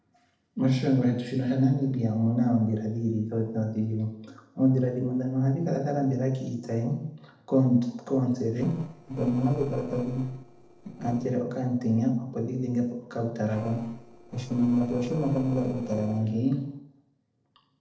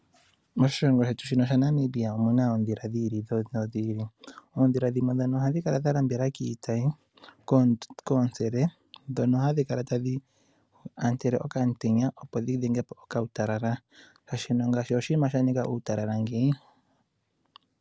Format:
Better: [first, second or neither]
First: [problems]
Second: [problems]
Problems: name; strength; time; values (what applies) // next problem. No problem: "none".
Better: second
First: noise reduction (neural separator model SepFormer DNS4)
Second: none